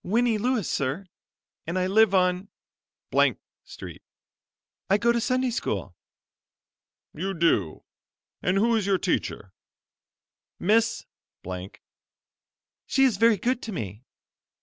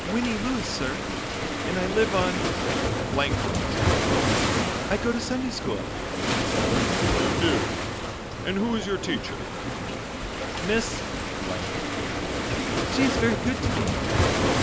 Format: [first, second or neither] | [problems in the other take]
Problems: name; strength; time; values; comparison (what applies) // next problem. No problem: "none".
first | background sound (Waves, surf); 4 dB above the speech